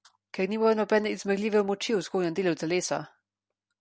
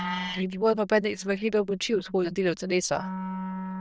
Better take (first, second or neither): first